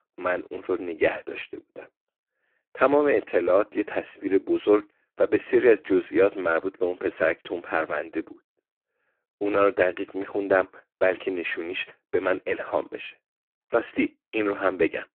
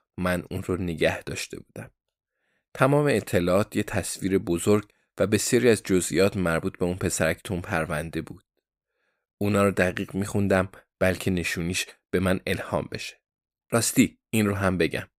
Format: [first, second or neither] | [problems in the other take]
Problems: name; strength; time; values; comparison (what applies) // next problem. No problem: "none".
second | phone-call audio; poor line